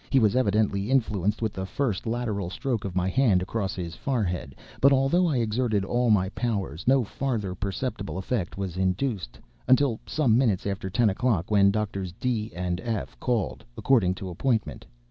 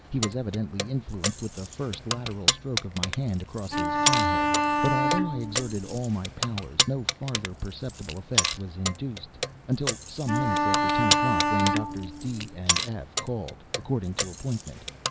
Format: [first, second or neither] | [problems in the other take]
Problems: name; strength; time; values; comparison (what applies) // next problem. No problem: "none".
first | background sound (Bowed string instrument + Keys jangling); 3 dB above the speech